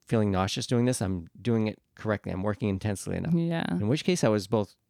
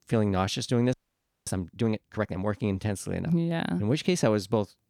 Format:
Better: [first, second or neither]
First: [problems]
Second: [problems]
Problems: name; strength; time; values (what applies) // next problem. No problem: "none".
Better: first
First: none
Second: audio freezing; at 1 s for 0.5 s